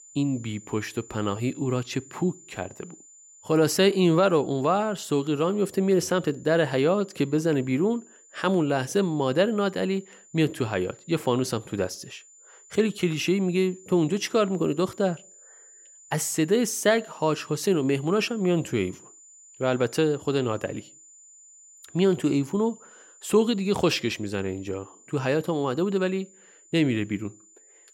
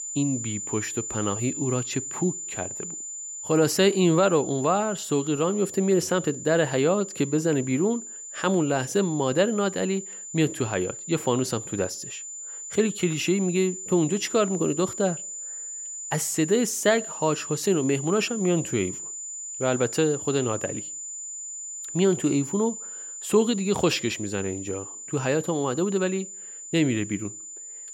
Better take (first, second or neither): first